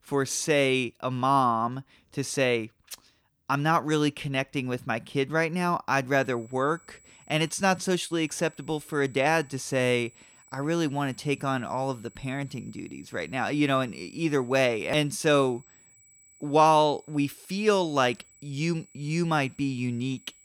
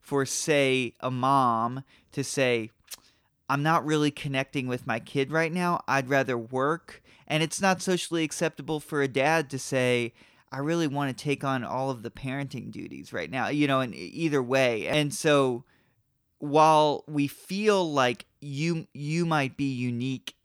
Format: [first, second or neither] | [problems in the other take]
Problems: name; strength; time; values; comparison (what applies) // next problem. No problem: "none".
second | high-pitched whine; faint; from 6 s on; 8 kHz, 30 dB below the speech